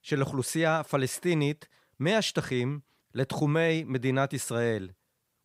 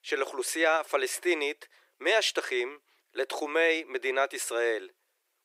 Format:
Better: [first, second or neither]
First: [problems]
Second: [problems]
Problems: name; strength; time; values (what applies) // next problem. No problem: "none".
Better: first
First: none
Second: thin; very; fading below 350 Hz